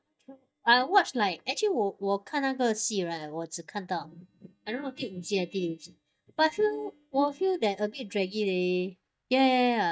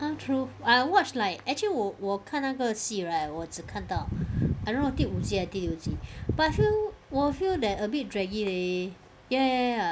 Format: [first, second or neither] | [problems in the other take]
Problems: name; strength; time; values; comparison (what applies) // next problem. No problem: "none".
second | noise reduction (neural mask model DeepFilterNet 3)